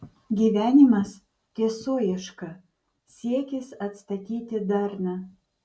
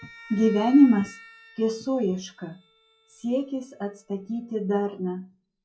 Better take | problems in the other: first | noise reduction (classical method log-MMSE)

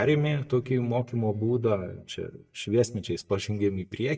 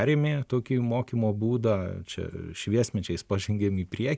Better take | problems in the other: second | noise reduction (neural mask model DeepFilterNet 3)

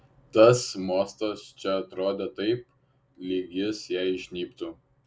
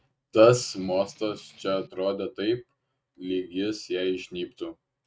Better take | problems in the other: first | noise reduction (neural mask model RNNoise)

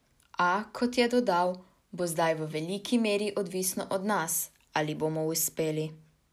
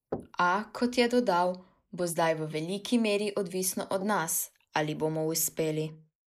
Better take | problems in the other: first | noise reduction (neural mask model Resemble Enhance denoiser)

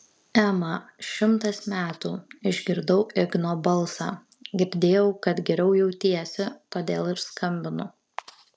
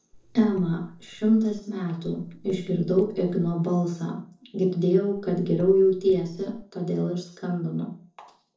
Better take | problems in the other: first | noise reduction (neural separator model SepFormer DNS4)

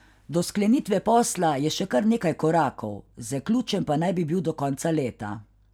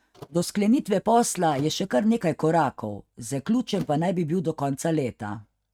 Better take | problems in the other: first | noise reduction (neural mask model RNNoise)

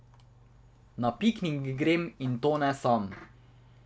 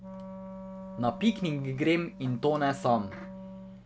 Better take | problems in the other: first | background sound (Wind instrument, woodwind instrument); 13 dB below the speech

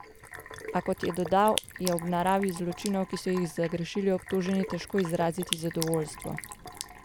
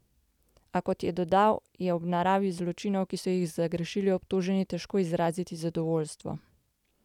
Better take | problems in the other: second | background sound (Sink (filling or washing)); 11 dB below the speech

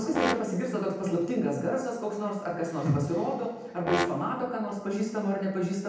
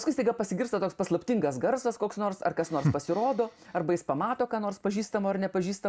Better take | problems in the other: second | background sound (Brass instrument); 7 dB below the speech // room echo; dies away in 0.9 s

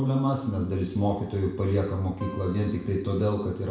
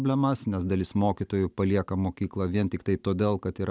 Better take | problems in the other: second | background sound (Acoustic guitar); 18 dB below the speech // room echo; dies away in 0.6 s

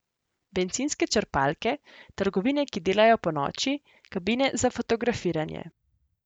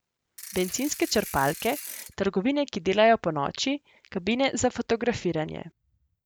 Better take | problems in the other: first | background sound (Ratchet, pawl / Percussion); 13 dB below the speech

